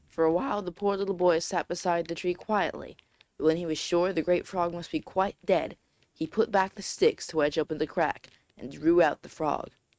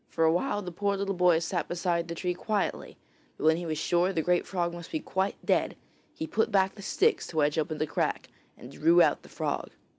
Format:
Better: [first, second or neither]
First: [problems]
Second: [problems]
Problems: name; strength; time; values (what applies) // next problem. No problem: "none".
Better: second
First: noise reduction (neural mask model RNNoise)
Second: none